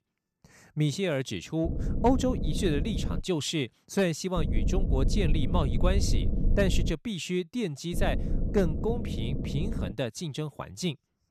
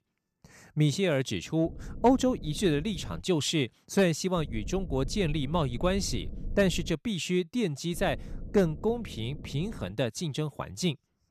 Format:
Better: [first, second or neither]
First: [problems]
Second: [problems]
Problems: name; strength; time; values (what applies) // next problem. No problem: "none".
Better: second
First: low rumble; loud; from 1.5 to 3 s, from 4.5 to 7 s and from 8 to 10 s; 9 dB below the speech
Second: low rumble; faint; from 1.5 to 3 s, from 4.5 to 7 s and from 8 to 10 s; 20 dB below the speech